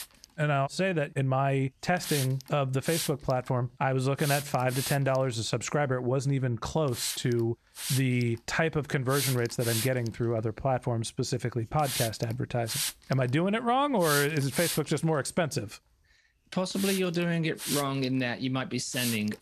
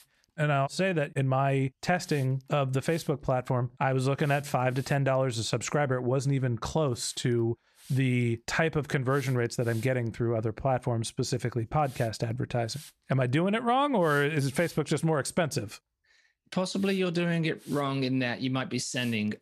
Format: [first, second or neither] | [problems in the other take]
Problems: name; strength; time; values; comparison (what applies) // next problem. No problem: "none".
second | hiss; loud; throughout; 5 dB below the speech; faint in the second